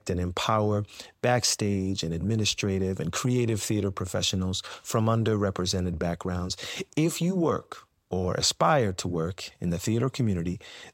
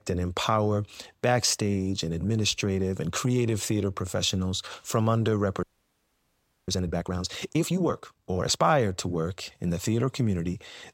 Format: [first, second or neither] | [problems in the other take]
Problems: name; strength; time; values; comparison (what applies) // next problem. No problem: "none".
first | audio freezing; at 5.5 s for 1 s